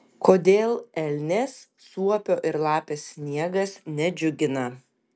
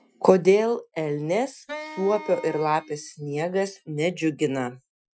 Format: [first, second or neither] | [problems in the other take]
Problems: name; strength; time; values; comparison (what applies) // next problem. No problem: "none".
first | noise reduction (classical method Wiener filter)